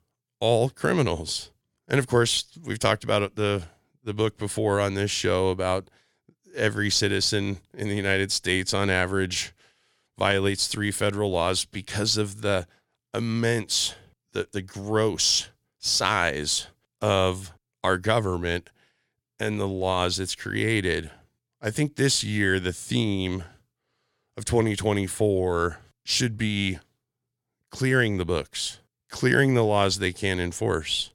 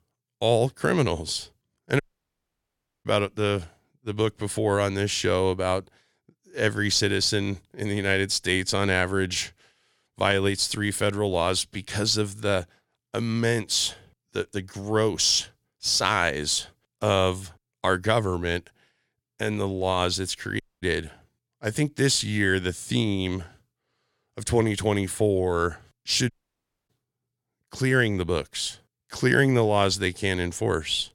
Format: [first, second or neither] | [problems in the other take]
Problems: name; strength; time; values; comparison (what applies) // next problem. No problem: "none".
first | audio cutting out; at 2 s for 1 s, at 21 s and at 26 s for 0.5 s